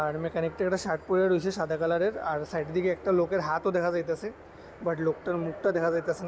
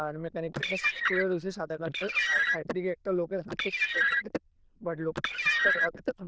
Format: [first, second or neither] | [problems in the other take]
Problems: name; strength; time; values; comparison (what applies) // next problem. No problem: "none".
first | noise reduction (neural diffusion model UNIVERSE++)